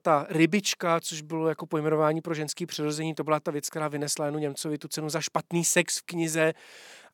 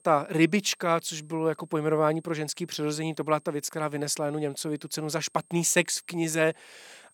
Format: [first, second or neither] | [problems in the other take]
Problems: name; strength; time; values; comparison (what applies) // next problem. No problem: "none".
first | high-pitched whine; faint; throughout; 8.5 kHz, 30 dB below the speech